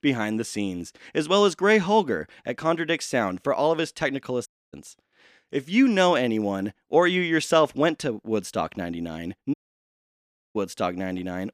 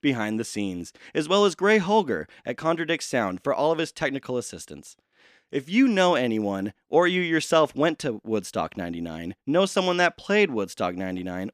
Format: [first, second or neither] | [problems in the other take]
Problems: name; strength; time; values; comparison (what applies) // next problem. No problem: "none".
second | audio cutting out; at 4.5 s and at 9.5 s for 1 s